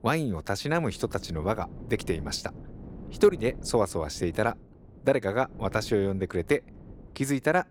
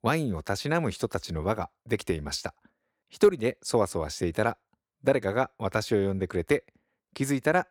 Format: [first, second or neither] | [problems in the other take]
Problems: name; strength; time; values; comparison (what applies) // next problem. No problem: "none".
second | wind noise on the microphone; occasional gusts; 25 dB below the speech